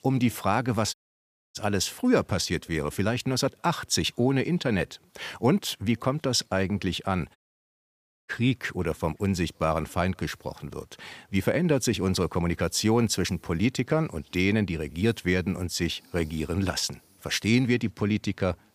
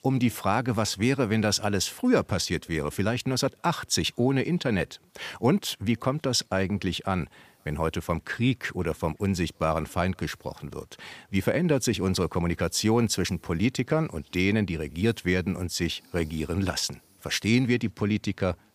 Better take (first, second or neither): second